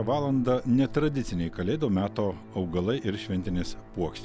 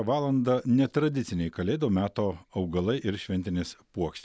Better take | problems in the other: second | background sound (Meow / Purr + Musical instrument); 12 dB below the speech

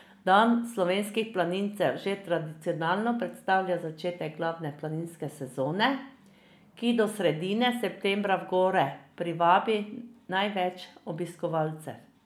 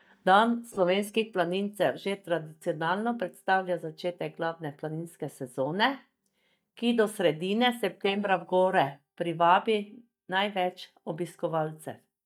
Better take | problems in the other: first | noise reduction (neural mask model DeepFilterNet 3)

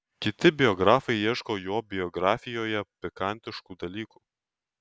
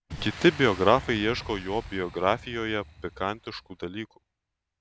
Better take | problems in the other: first | background sound (Boom); 16 dB below the speech

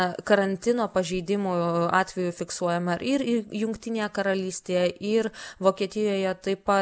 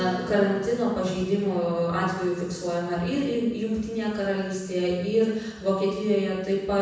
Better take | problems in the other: first | background sound (Acoustic guitar); 19 dB below the speech // room echo; dies away in 1.1 s

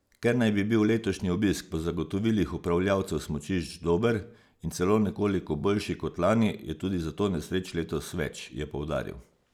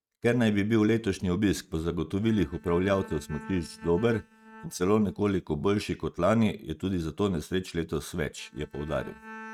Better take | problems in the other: first | noise reduction (neural mask model RNNoise)

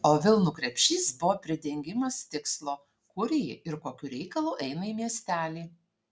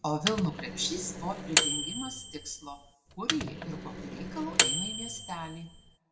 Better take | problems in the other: first | background sound (Microwave oven); 3 dB above the speech // room echo; dies away in 0.6 s

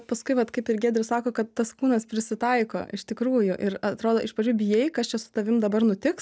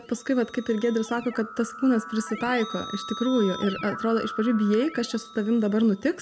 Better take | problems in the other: first | background sound (Keyboard (musical)); 14 dB below the speech // room echo; dies away in 1 s

